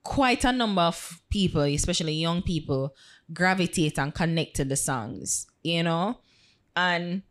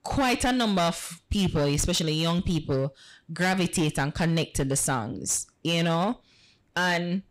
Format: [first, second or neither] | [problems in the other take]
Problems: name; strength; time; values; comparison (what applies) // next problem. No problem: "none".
first | distortion; slight; 11% of the sound clipped